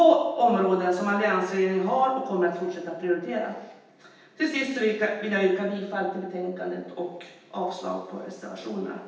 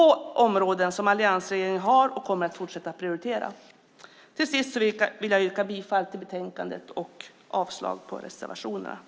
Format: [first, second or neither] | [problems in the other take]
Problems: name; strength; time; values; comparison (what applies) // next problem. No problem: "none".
second | room echo; dies away in 0.9 s